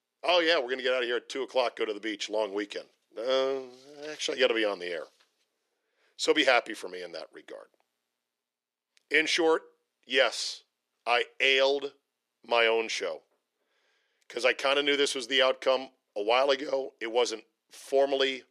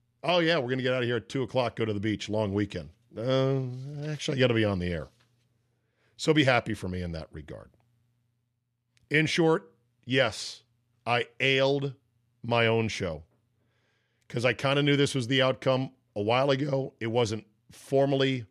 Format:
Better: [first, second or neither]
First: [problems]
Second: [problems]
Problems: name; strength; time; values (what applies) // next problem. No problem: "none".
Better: second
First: thin; very; fading below 350 Hz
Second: none